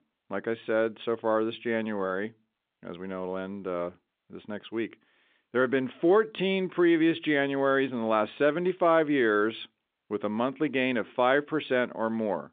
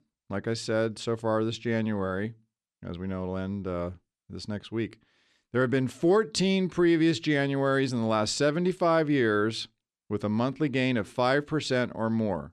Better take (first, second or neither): second